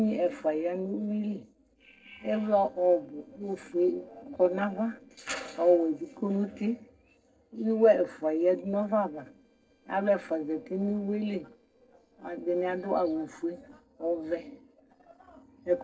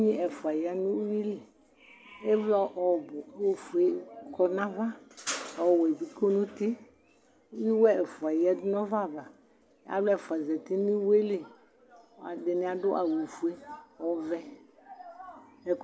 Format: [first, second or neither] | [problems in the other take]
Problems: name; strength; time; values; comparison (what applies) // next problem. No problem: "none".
second | noise reduction (neural separator model SepFormer DNS4)